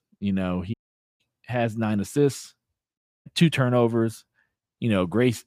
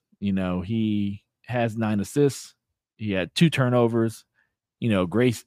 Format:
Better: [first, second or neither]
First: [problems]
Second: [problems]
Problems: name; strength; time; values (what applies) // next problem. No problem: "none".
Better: second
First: audio cutting out; at 0.5 s and at 3 s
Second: none